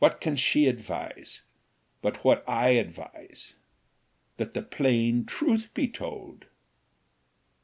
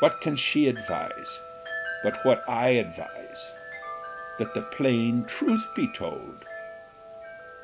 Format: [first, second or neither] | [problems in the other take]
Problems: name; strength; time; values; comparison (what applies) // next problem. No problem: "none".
first | background sound (Wind chime); 10 dB below the speech